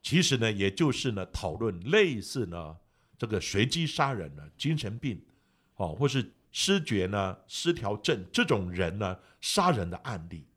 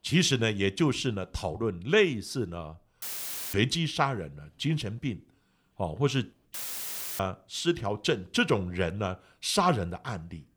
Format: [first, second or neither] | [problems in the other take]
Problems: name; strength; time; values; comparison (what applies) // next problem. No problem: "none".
first | audio cutting out; filled with static; at 3 s for 0.5 s and at 6.5 s for 0.5 s